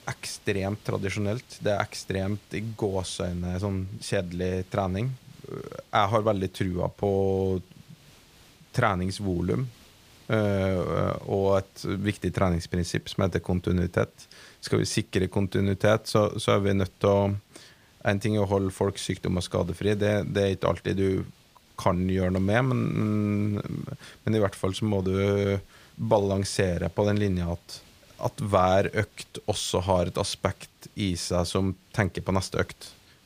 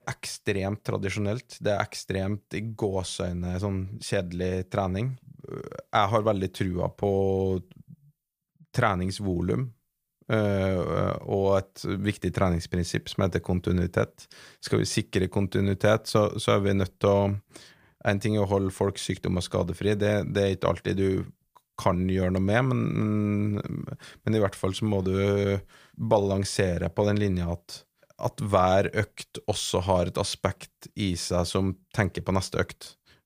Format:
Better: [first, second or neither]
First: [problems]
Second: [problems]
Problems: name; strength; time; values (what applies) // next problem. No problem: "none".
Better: second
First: hiss; faint; throughout; 30 dB below the speech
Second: none